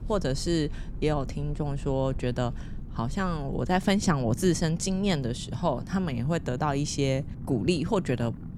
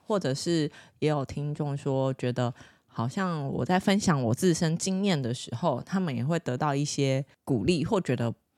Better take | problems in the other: second | low rumble; noticeable; throughout; 20 dB below the speech

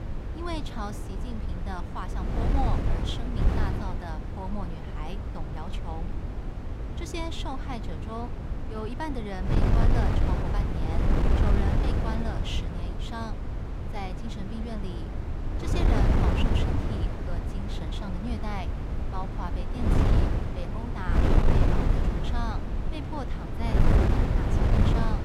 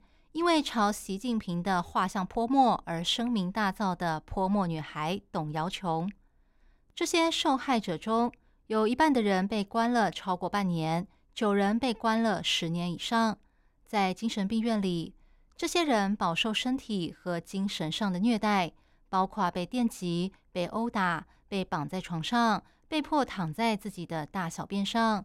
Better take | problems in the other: second | wind noise on the microphone; heavy; 2 dB above the speech

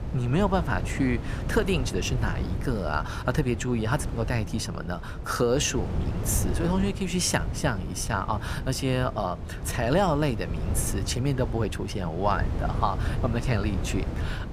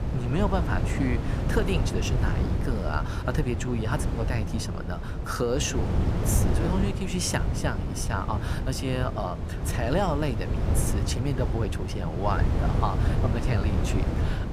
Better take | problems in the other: first | wind noise on the microphone; heavy; 5 dB below the speech; occasional gusts in the first

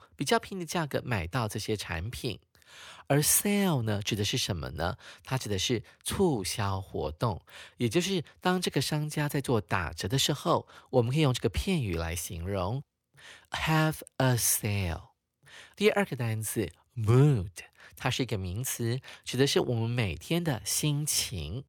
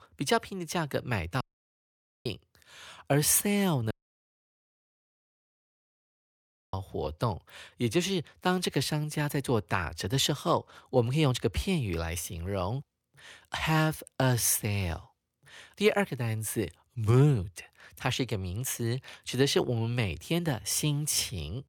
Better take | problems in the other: first | audio cutting out; at 1.5 s for 1 s and at 4 s for 3 s

